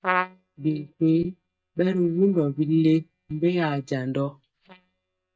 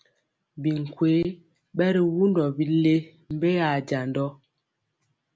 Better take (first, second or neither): second